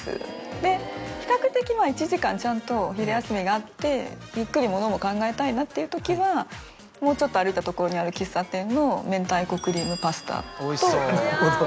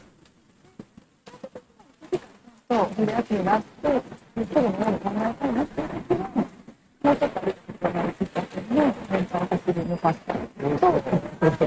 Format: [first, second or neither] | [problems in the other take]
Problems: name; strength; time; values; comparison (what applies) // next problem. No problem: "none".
first | noise reduction (neural mask model RNNoise)